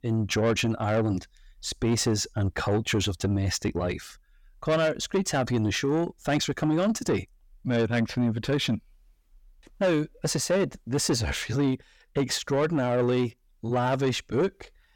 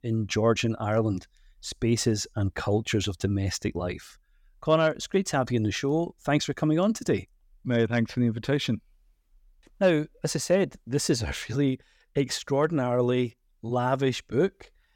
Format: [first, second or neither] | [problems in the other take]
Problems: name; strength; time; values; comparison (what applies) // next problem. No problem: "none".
second | distortion; slight; 10 dB below the speech